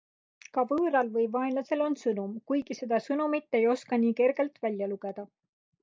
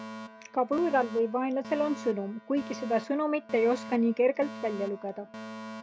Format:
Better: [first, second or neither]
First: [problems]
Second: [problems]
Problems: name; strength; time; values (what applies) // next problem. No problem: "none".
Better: first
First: none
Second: background sound (Alarm); 13 dB below the speech